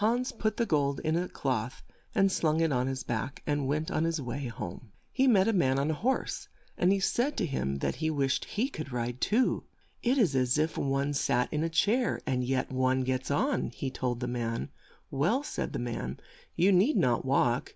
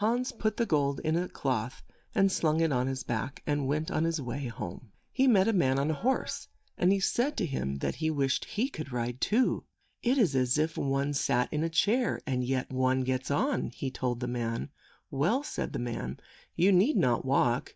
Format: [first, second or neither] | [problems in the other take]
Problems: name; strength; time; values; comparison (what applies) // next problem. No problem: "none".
first | noise reduction (neural mask model DeepFilterNet 3)